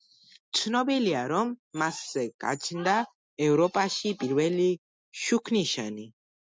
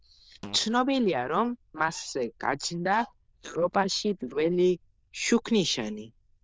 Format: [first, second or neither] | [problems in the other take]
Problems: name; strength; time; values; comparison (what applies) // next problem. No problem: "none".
first | noise reduction (neural diffusion model UNIVERSE++)